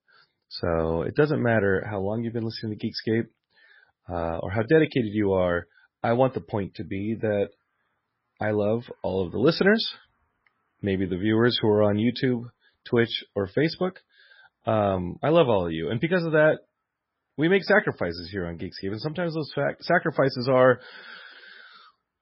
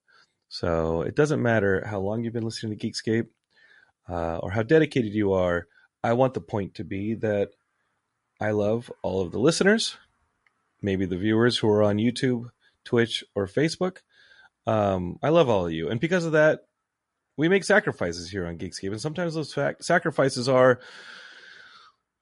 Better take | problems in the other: second | garbled, watery; badly; nothing above 5.5 kHz; slightly in the second

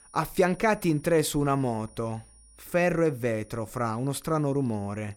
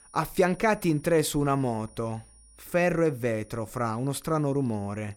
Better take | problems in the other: neither | high-pitched whine; faint; throughout; 9.5 kHz, 25 dB below the speech; the same in both

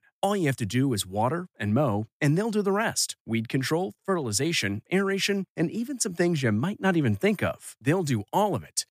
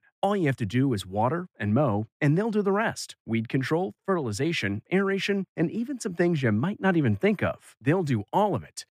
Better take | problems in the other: first | muffled; slightly; fading above 4 kHz

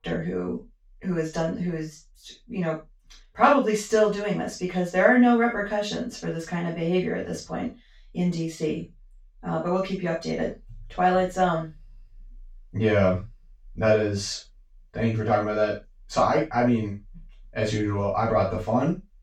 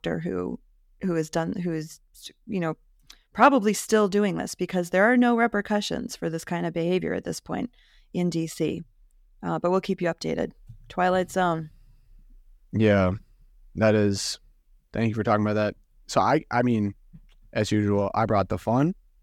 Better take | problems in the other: second | room echo; noticeable; dies away in 0.2 s // off-mic speech; far

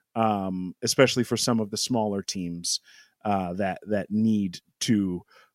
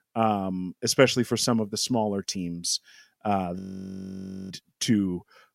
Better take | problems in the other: first | audio freezing; at 3.5 s for 1 s

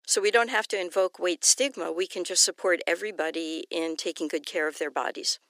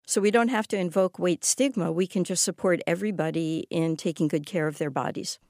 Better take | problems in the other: second | thin; very; fading below 350 Hz

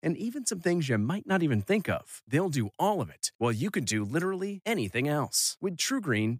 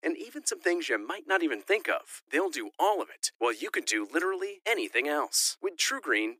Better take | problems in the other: first | thin; very; fading below 300 Hz

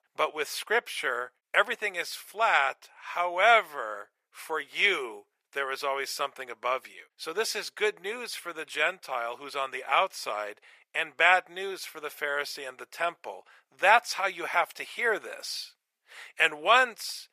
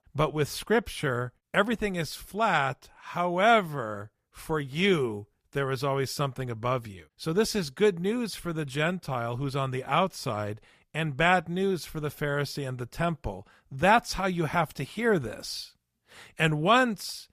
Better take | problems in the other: second | thin; very; fading below 500 Hz

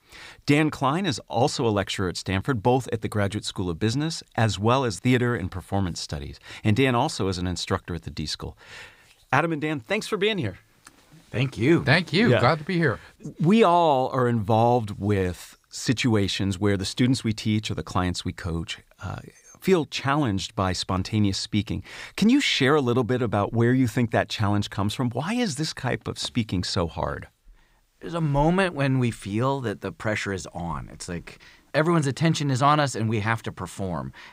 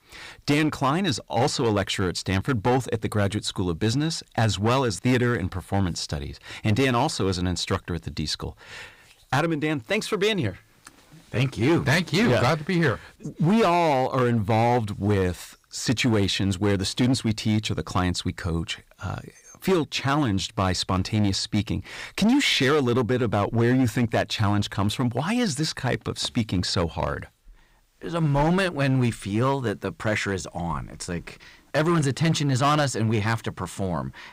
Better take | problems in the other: first | distortion; slight; 7% of the sound clipped

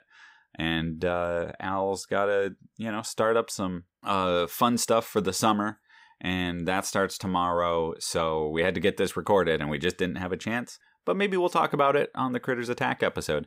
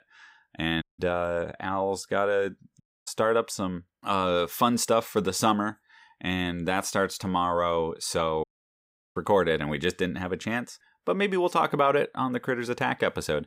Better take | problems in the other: first | audio cutting out; at 1 s, at 3 s and at 8.5 s for 0.5 s

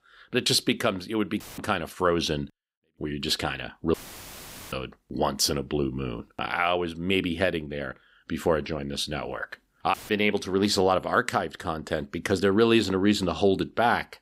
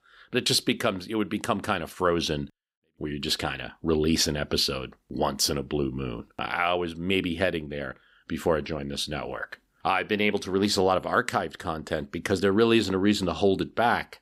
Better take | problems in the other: second | audio cutting out; filled with static; at 1.5 s, at 4 s for 1 s and at 10 s

